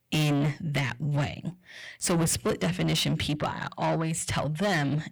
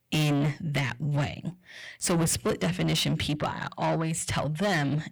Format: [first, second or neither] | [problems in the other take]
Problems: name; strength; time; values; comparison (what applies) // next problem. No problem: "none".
neither | distortion; heavy; 7 dB below the speech; the same in both